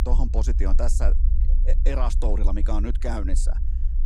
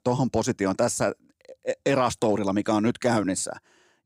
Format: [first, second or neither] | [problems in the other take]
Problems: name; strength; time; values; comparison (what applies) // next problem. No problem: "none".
second | low rumble; noticeable; throughout; 10 dB below the speech